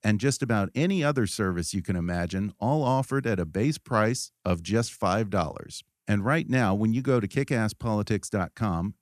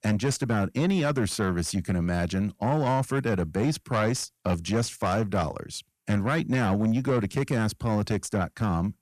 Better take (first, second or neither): first